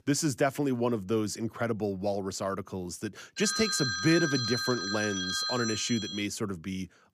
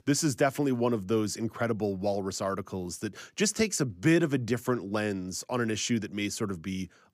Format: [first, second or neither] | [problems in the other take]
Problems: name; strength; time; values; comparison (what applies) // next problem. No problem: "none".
second | phone ringing; loud; from 3.5 to 6 s; peak 1 dB above the speech